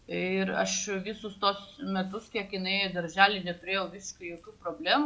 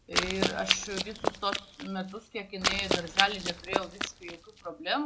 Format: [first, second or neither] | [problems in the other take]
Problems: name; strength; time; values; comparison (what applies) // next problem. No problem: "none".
first | background sound (Run); 1 dB above the speech